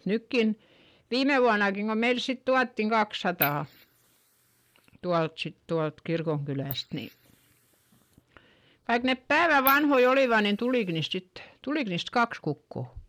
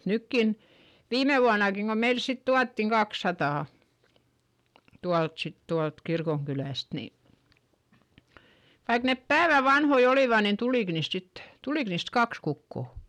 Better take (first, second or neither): second